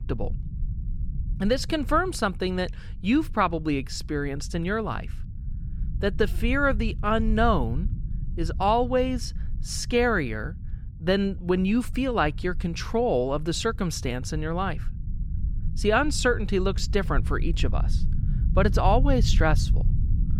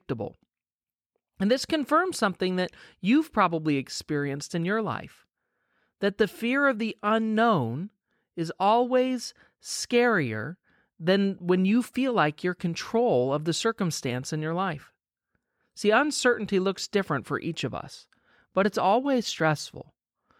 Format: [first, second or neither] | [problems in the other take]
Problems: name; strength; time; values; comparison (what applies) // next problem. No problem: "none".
second | low rumble; faint; throughout; 20 dB below the speech